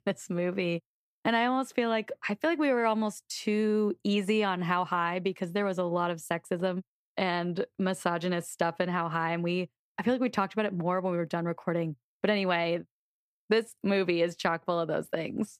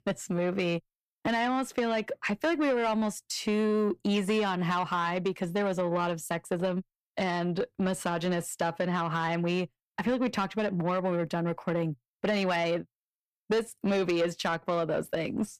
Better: first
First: none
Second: distortion; slight; 10 dB below the speech

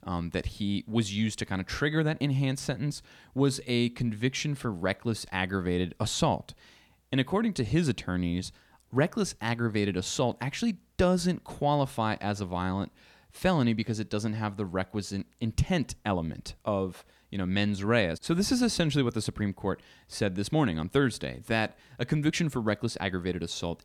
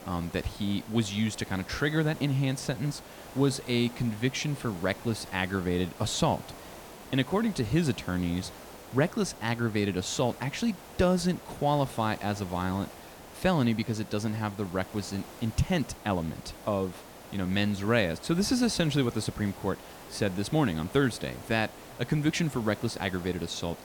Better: first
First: none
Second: hiss; noticeable; throughout; 15 dB below the speech

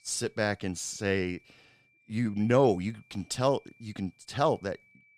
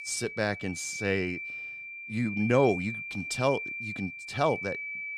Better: first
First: high-pitched whine; faint; throughout; 2.5 kHz, 30 dB below the speech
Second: high-pitched whine; loud; throughout; 2.5 kHz, 6 dB below the speech

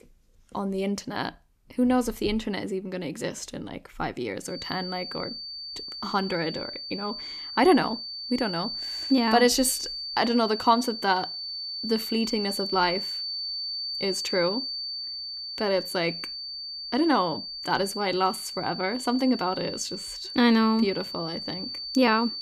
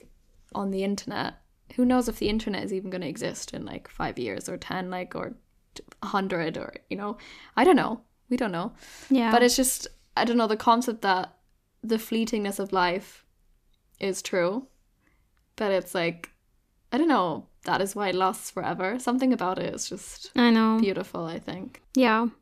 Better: second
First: high-pitched whine; loud; from 4.5 s on; 4.5 kHz, 6 dB below the speech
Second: none

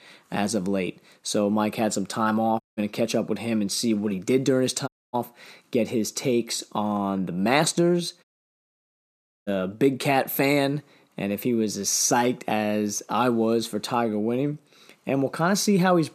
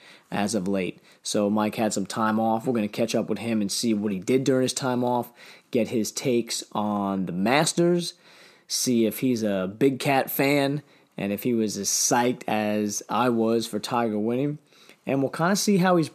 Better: second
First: audio cutting out; at 2.5 s, at 5 s and at 8 s for 1 s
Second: none

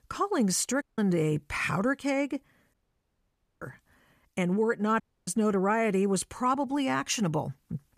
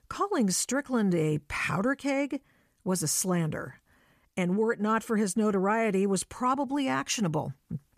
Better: second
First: audio cutting out; at 1 s, at 2.5 s for 1 s and at 5 s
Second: none

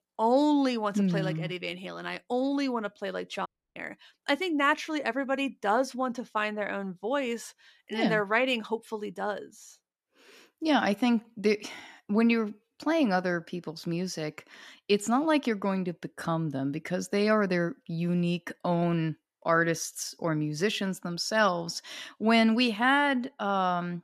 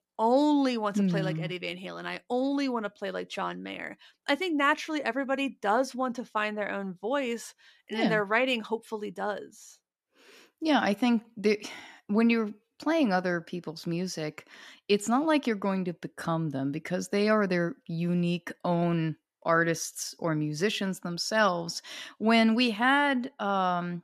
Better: second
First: audio cutting out; at 3.5 s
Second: none

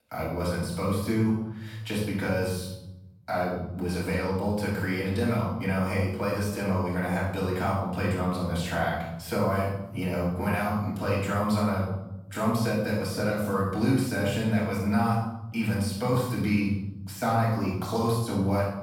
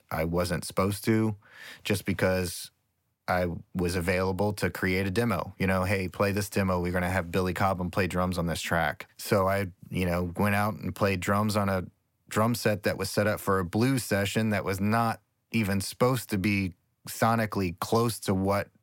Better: second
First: off-mic speech; far // room echo; strong; dies away in 1 s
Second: none

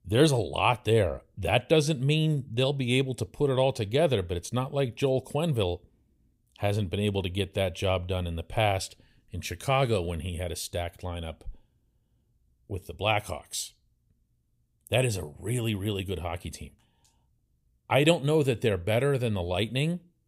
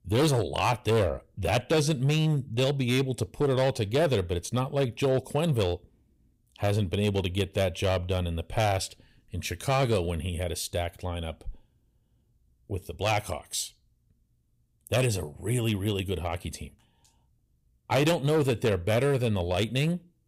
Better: first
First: none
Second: distortion; slight; 6% of the sound clipped

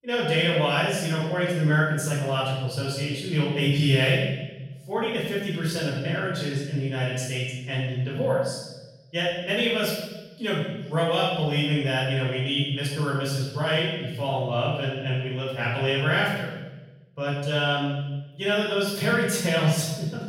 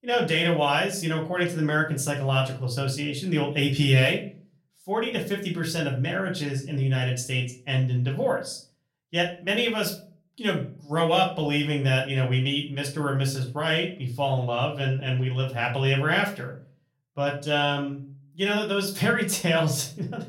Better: second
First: room echo; strong; dies away in 1.1 s // off-mic speech; far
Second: room echo; slight; dies away in 0.3 s // off-mic speech; far

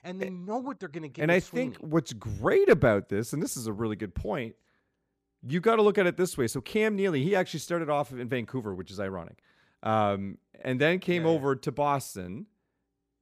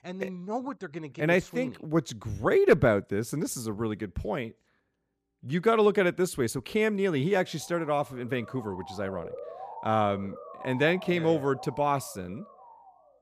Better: first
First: none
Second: siren; faint; from 7.5 s on; peak 10 dB below the speech

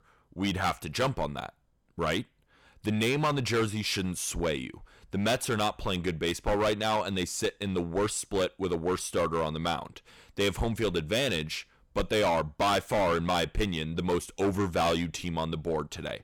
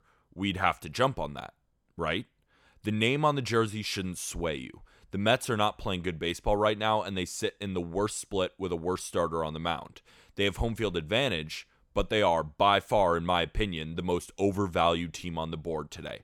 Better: second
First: distortion; heavy; 10% of the sound clipped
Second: none

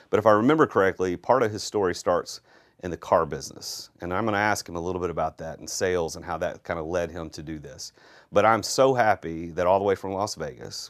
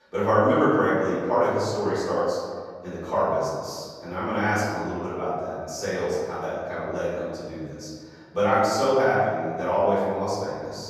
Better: first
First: none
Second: off-mic speech; far // room echo; strong; dies away in 1.7 s

